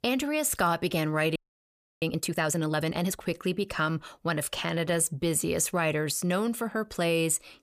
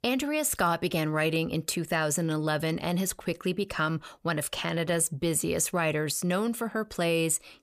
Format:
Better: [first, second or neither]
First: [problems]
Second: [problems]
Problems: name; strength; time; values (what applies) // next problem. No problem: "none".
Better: second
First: audio freezing; at 1.5 s for 0.5 s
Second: none